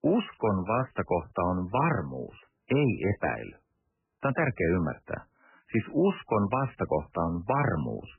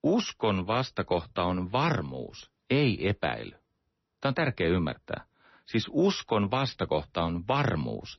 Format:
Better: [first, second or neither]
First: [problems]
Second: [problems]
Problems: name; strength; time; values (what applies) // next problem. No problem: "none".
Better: second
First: garbled, watery; badly; nothing above 3 kHz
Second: garbled, watery; slightly; nothing above 6 kHz